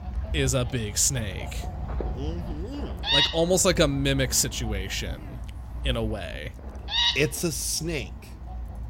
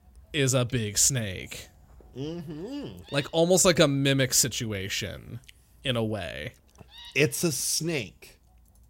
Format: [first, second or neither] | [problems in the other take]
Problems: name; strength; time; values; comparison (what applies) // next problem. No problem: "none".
second | animal sounds; loud; throughout; 4 dB below the speech; faint in the second